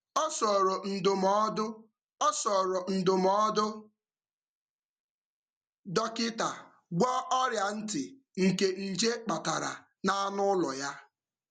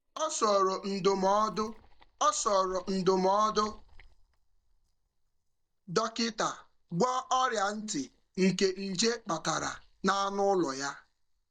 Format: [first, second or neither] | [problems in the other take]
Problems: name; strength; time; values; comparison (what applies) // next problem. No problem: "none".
first | noise reduction (neural mask model DeepFilterNet 3)